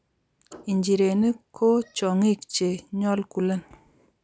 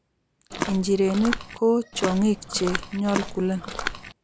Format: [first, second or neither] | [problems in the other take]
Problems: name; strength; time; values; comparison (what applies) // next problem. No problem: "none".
first | background sound (Walk, footsteps); 7 dB below the speech